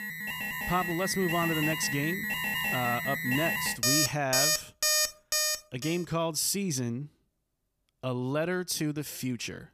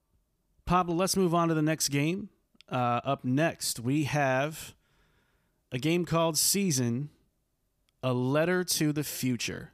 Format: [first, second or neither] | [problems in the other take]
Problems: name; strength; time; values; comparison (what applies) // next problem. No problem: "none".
second | alarms or sirens; very loud; until 5.5 s; 3 dB above the speech